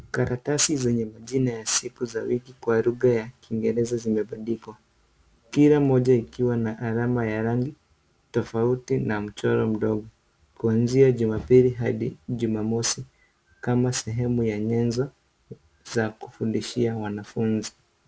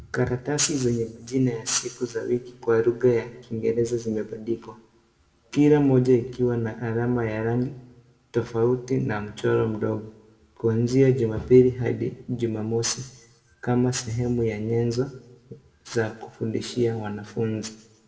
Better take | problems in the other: first | room echo; dies away in 0.8 s

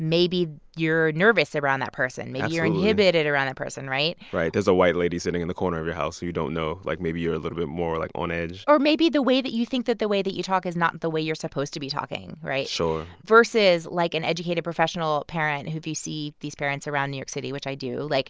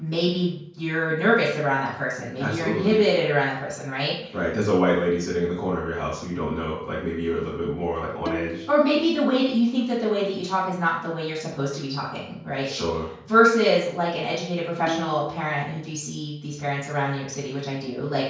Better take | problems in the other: first | background sound (Bowed string instrument); 11 dB below the speech // room echo; dies away in 0.5 s

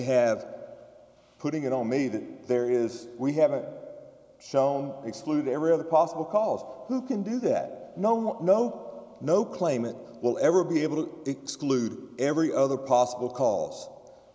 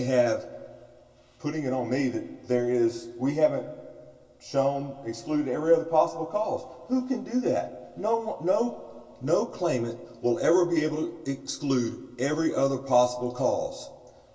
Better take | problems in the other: first | room echo; dies away in 0.2 s

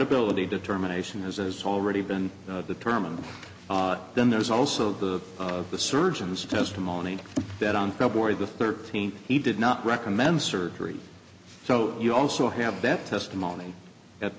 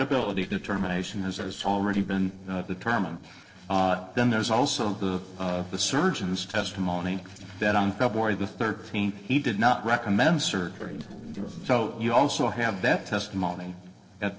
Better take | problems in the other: first | noise reduction (neural separator model SepFormer DNS4)

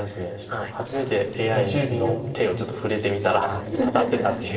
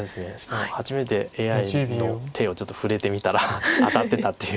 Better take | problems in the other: second | noise reduction (neural separator model SepFormer DNS4)

